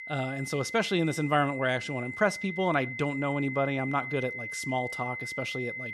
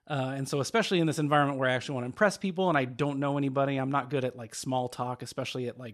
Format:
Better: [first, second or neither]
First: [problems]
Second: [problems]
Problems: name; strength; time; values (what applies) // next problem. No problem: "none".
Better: second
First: high-pitched whine; loud; throughout; 2 kHz, 6 dB below the speech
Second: none